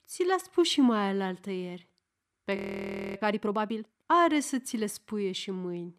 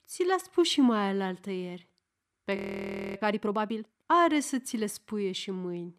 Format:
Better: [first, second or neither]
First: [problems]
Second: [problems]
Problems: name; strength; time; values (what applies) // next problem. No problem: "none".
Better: neither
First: audio freezing; at 2.5 s for 0.5 s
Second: audio freezing; at 2.5 s for 0.5 s